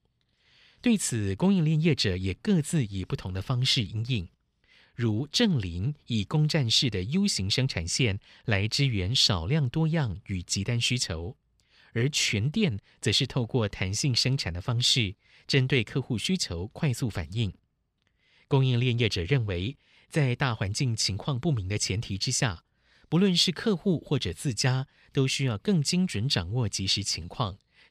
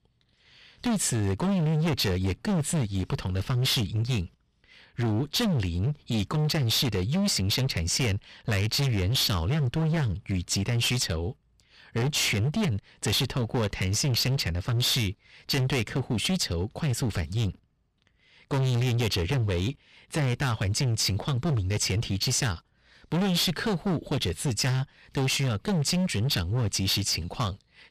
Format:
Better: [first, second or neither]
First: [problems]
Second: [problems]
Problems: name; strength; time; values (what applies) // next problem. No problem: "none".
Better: first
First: none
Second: distortion; heavy; 26% of the sound clipped